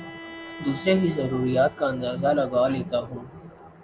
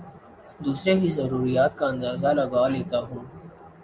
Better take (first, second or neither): second